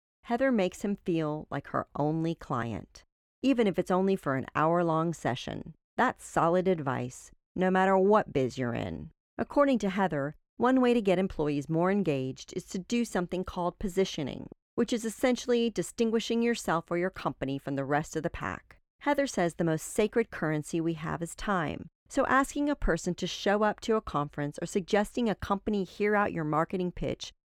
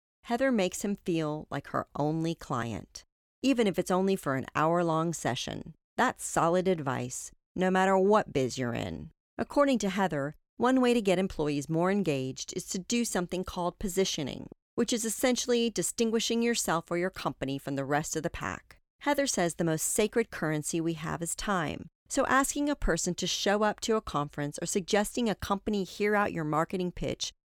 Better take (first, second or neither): second